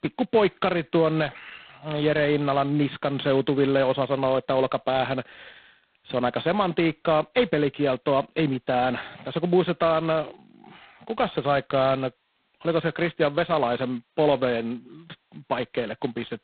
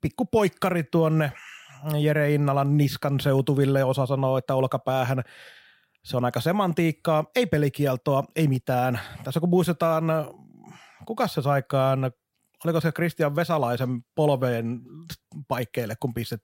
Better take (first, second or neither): second